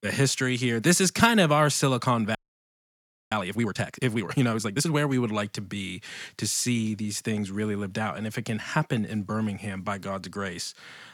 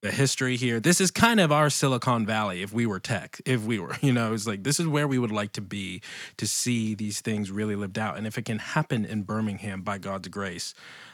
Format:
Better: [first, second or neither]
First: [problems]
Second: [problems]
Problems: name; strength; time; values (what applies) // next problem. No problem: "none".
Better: second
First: audio freezing; at 2.5 s for 1 s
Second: none